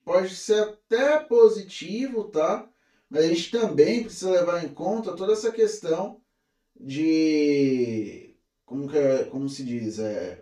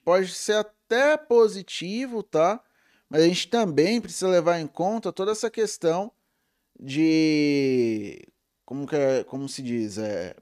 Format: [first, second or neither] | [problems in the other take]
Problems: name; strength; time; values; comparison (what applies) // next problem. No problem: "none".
second | room echo; slight; dies away in 0.2 s // off-mic speech; far